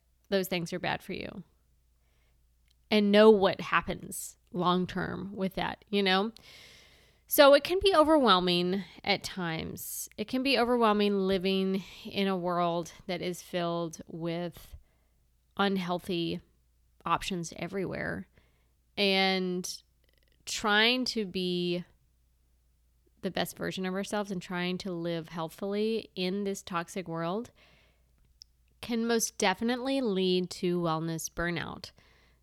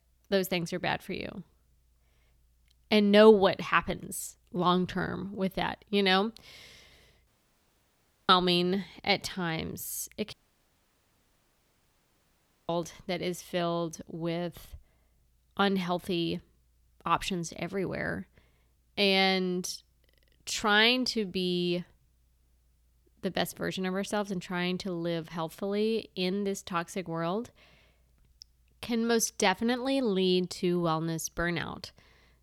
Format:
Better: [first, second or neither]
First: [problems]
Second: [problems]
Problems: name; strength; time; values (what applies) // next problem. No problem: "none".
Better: first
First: none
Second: audio cutting out; at 7.5 s for 1 s and at 10 s for 2.5 s